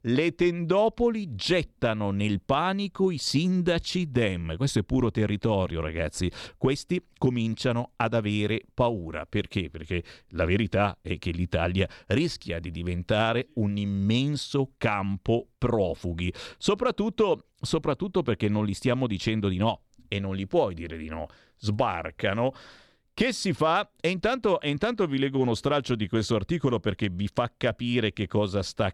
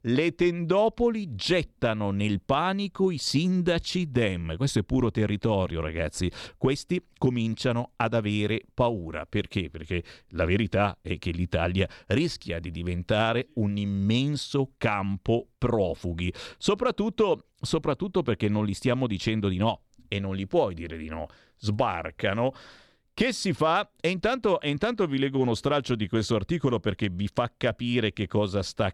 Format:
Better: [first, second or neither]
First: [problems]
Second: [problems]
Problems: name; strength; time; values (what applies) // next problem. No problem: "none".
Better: neither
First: none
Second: none